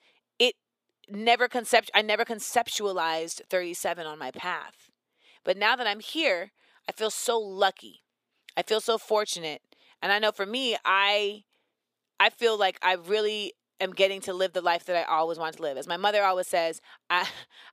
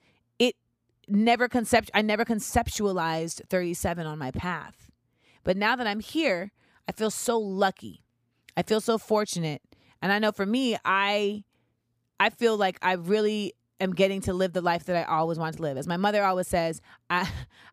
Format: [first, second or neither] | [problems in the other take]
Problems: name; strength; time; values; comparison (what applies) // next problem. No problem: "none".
second | thin; somewhat; fading below 500 Hz